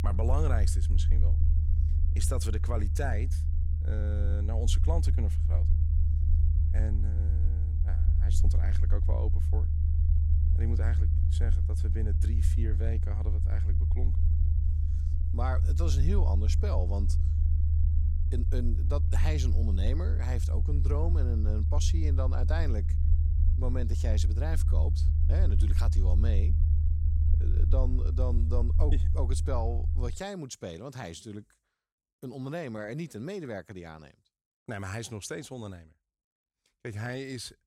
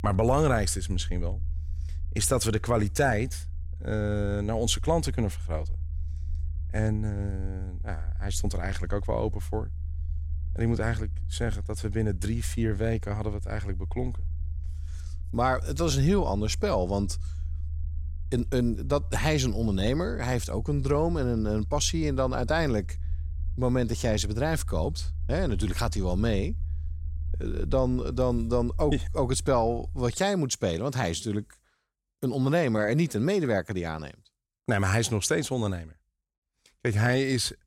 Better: second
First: low rumble; loud; until 30 s; 5 dB below the speech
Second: low rumble; faint; until 30 s; 25 dB below the speech

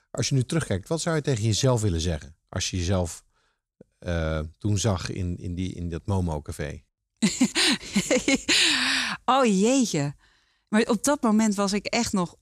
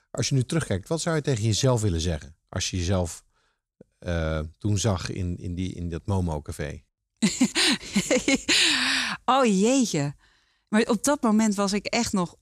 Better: neither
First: none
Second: none

